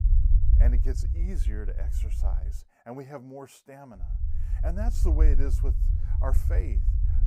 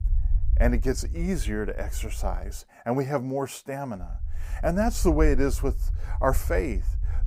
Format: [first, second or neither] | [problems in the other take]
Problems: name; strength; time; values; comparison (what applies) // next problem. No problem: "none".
second | low rumble; loud; until 2.5 s and from 4 s on; 6 dB below the speech; faint in the second